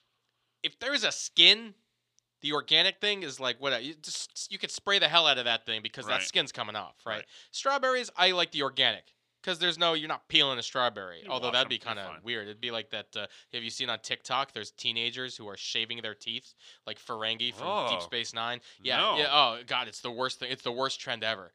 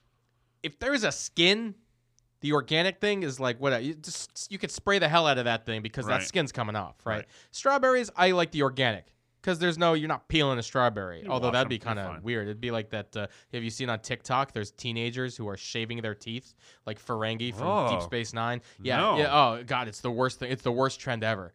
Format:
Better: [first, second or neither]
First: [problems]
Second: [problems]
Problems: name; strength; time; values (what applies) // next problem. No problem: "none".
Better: second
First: thin; very slightly; fading below 1 kHz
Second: none